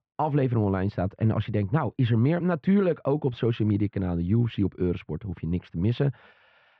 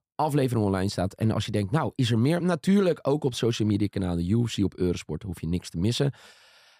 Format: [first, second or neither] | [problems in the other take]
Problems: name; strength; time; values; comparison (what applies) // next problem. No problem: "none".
second | muffled; very; fading above 2.5 kHz